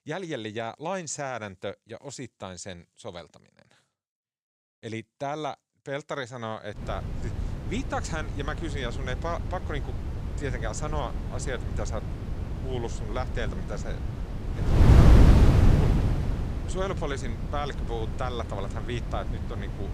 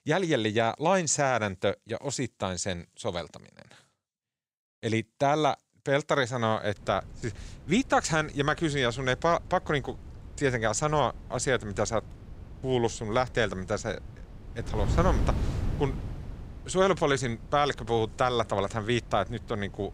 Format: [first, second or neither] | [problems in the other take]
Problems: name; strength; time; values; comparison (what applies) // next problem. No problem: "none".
second | wind noise on the microphone; heavy; from 7 s on; 2 dB below the speech; occasional gusts in the second